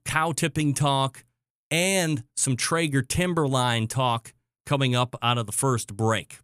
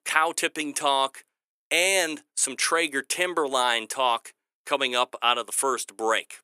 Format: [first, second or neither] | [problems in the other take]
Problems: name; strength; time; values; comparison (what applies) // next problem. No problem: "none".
first | thin; very; fading below 350 Hz